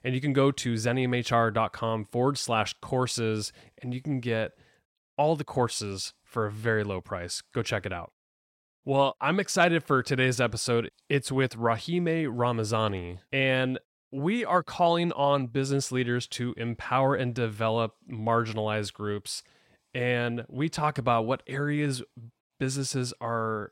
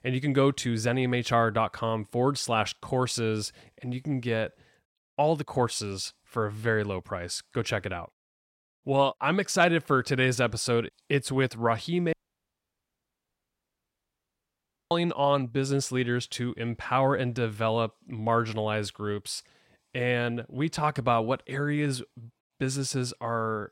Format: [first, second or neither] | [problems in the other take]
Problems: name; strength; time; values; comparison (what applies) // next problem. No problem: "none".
first | audio cutting out; at 12 s for 3 s